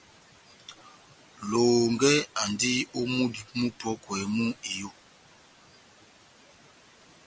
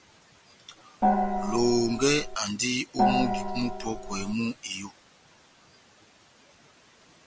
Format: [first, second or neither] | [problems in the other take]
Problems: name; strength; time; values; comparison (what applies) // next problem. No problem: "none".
first | background sound (Gong); 3 dB above the speech